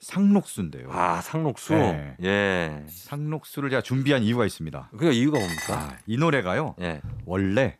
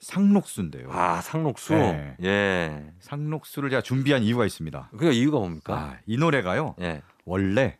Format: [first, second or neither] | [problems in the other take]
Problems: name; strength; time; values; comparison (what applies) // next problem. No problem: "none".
second | jangling keys; faint; at 3 s; peak 20 dB below the speech // clattering dishes; noticeable; at 5.5 s; peak 6 dB below the speech // door banging; faint; at 7 s; peak 15 dB below the speech